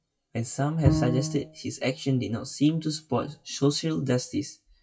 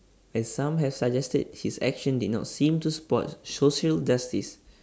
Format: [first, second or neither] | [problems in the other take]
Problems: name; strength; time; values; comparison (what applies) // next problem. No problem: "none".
second | noise reduction (classical method WPE with log-MMSE)